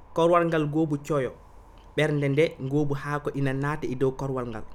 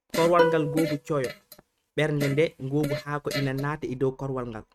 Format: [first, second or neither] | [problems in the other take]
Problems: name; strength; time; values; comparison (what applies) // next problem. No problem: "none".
first | noise reduction (neural mask model RNNoise)